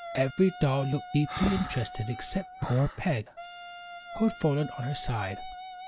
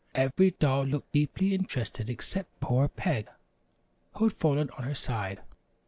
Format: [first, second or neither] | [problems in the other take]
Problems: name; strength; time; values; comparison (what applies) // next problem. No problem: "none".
second | background sound (Wind instrument, woodwind instrument + Breathing); 10 dB below the speech